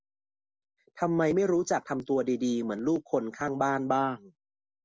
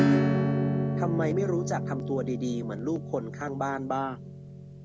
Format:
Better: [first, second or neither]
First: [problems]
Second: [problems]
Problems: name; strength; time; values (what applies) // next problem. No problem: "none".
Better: first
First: none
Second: background sound (Acoustic guitar / Strum); 3 dB above the speech